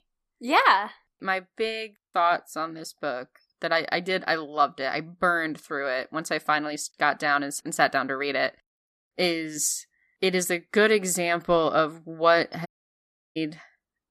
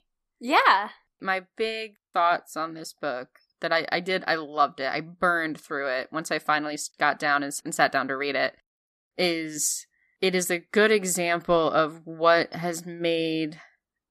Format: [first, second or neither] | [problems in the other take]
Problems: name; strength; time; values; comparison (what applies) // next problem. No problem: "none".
second | audio cutting out; at 13 s for 0.5 s